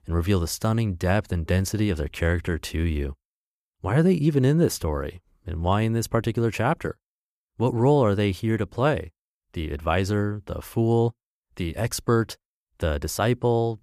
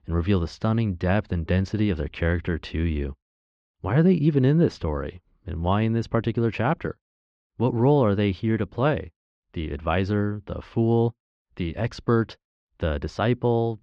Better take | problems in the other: first | muffled; slightly; fading above 4 kHz

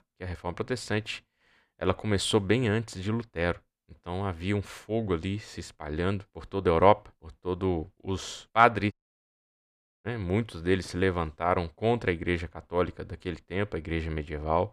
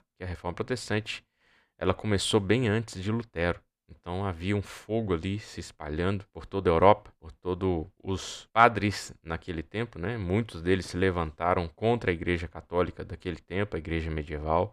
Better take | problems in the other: second | audio cutting out; at 9 s for 1 s

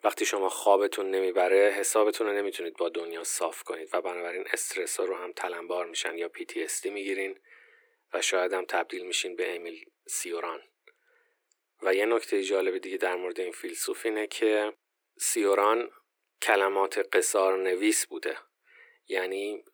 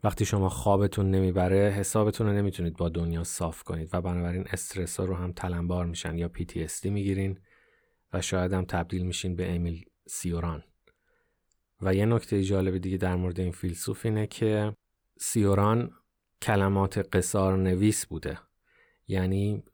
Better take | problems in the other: second | thin; very; fading below 350 Hz

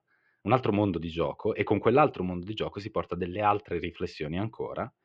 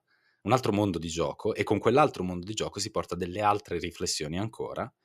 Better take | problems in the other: second | muffled; very; fading above 3 kHz

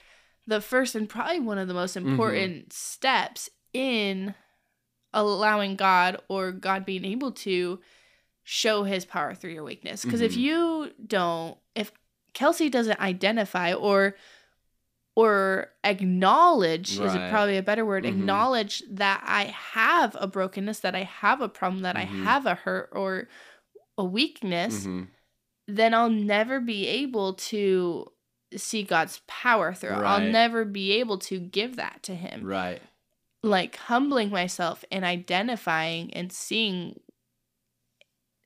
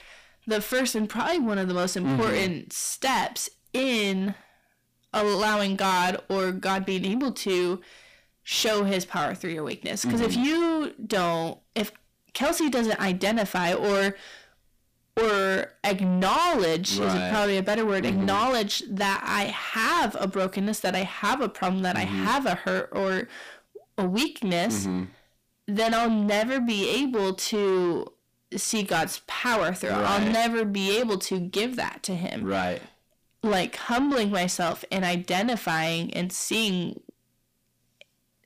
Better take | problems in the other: first | distortion; heavy; 6 dB below the speech

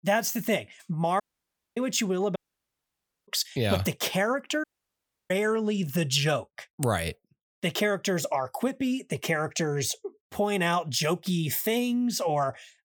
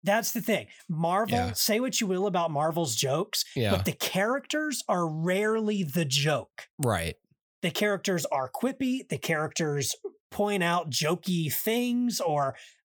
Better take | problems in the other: second | audio cutting out; at 1 s for 0.5 s, at 2.5 s for 1 s and at 4.5 s for 0.5 s

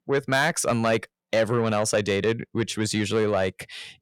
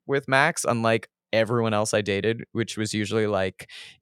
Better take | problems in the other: second | distortion; slight; 10 dB below the speech

